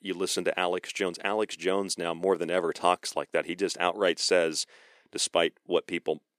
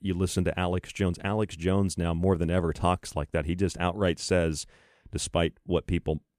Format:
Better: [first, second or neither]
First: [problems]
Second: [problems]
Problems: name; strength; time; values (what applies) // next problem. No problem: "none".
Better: second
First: thin; somewhat; fading below 350 Hz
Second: none